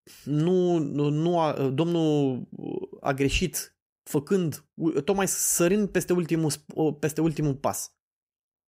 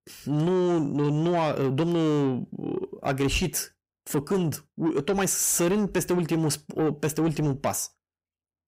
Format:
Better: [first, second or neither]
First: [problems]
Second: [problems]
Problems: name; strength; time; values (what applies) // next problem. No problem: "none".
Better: first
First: none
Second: distortion; slight; 10 dB below the speech